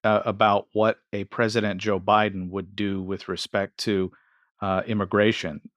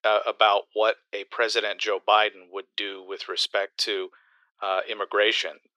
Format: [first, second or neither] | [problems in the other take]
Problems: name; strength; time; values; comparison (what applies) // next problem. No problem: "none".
first | thin; very; fading below 400 Hz